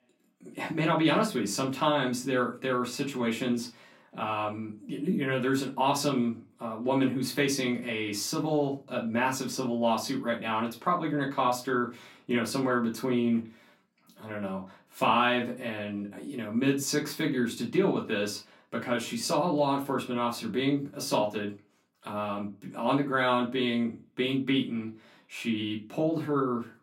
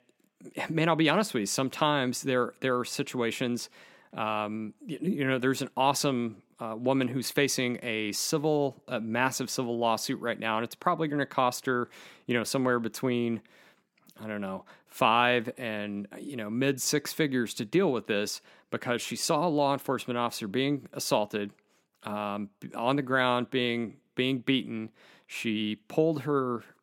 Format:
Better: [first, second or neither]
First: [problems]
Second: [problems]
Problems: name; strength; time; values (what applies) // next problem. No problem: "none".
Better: second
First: off-mic speech; far // room echo; very slight; dies away in 0.2 s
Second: none